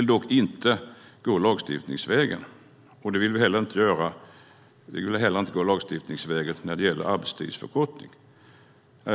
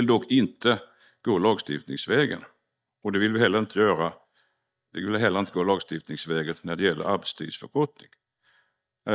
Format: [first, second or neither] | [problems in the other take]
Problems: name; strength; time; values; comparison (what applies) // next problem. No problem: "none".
first | noise reduction (neural mask model DeepFilterNet 3)